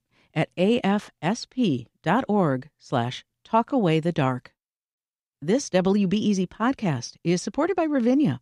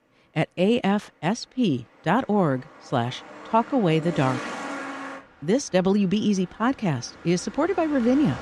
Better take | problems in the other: first | traffic noise; noticeable; throughout; 15 dB below the speech

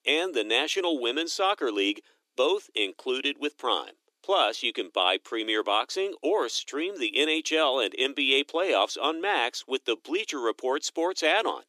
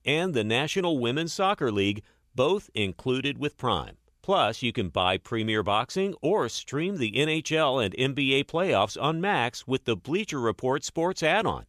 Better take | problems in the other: second | thin; somewhat; fading below 300 Hz

